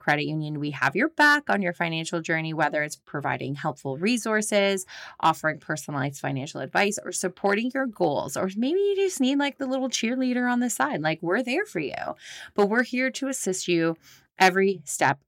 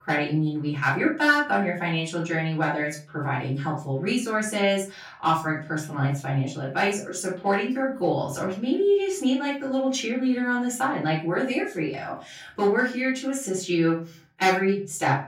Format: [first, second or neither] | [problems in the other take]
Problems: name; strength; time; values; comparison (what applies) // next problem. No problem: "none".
first | off-mic speech; far // room echo; slight; dies away in 0.3 s